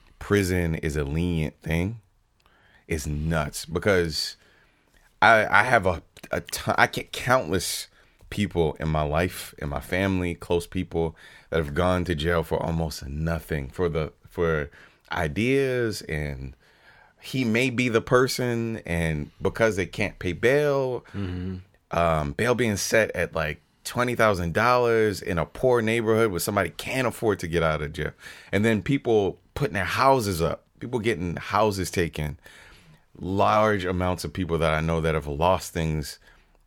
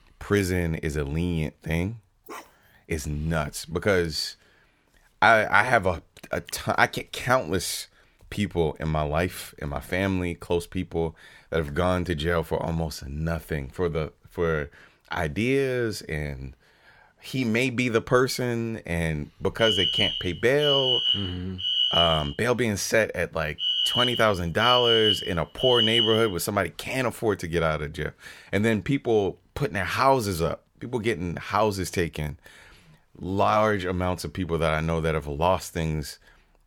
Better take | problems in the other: first | dog barking; faint; at 2.5 s; peak 15 dB below the speech // alarm; loud; from 20 to 26 s; peak 5 dB above the speech

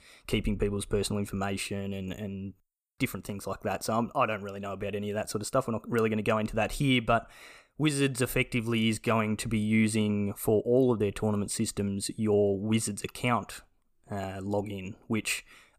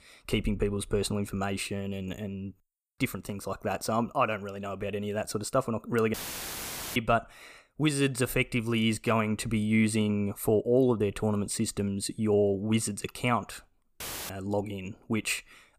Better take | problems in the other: first | audio cutting out; filled with static; at 6 s for 1 s and at 14 s

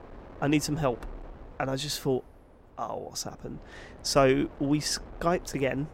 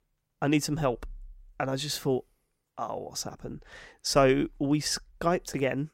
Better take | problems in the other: second | wind noise on the microphone; occasional gusts; 20 dB below the speech

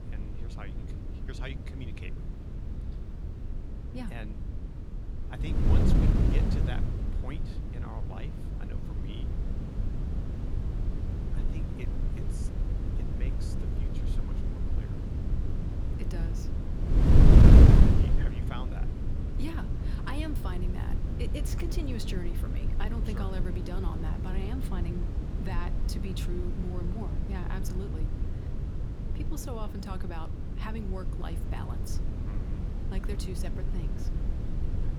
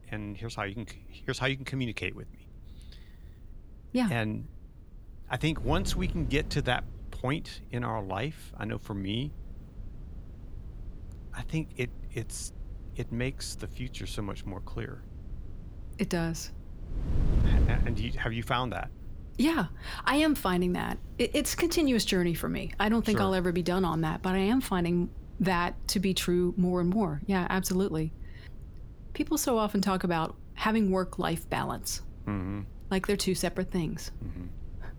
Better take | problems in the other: second | wind noise on the microphone; heavy; 3 dB above the speech; occasional gusts in the second

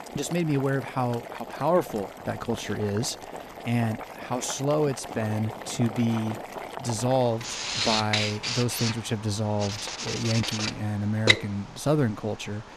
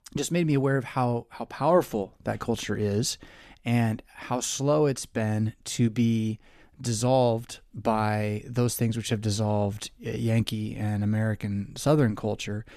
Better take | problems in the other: second | household noises; loud; throughout; 3 dB below the speech

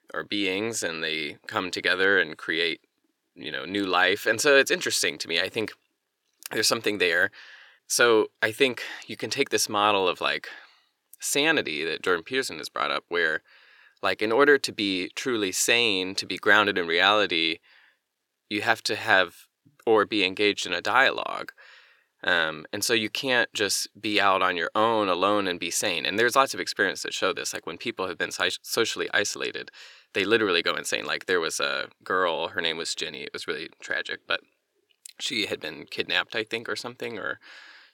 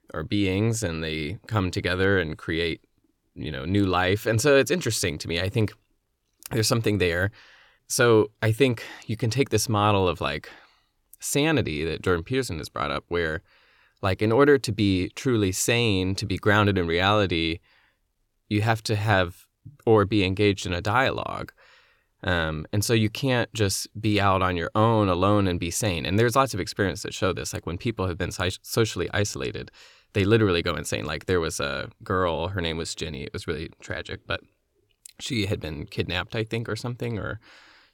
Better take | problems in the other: second | thin; somewhat; fading below 350 Hz

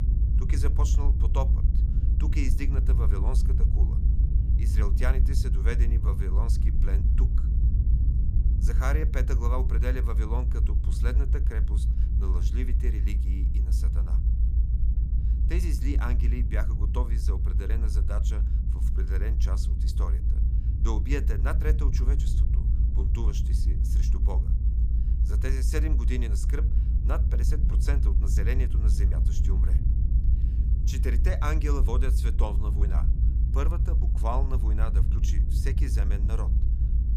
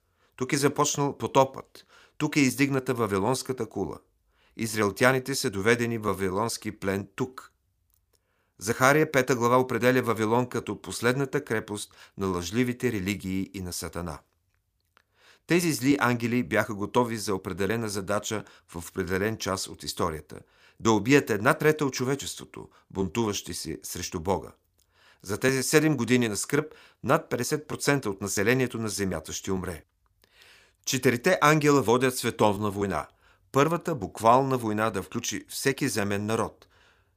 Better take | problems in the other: second | low rumble; loud; throughout; 5 dB below the speech

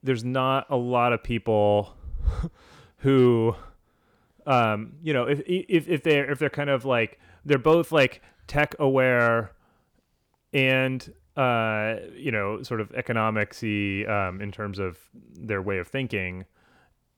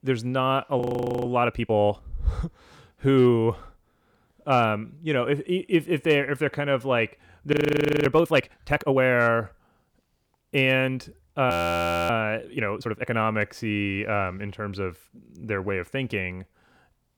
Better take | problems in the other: first | audio freezing; at 1 s, at 7.5 s for 0.5 s and at 12 s for 0.5 s

